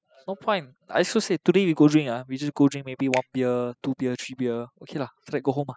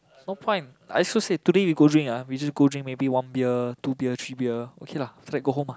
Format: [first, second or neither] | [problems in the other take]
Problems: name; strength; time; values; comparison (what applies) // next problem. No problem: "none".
second | noise reduction (classical method spectral subtraction)